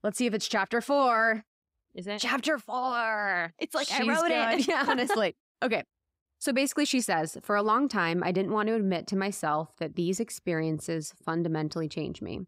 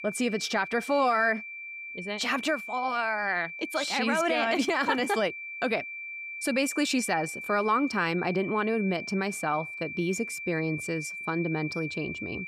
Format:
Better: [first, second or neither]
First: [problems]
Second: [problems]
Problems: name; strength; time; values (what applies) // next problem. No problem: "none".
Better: first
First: none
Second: high-pitched whine; loud; throughout; 2.5 kHz, 8 dB below the speech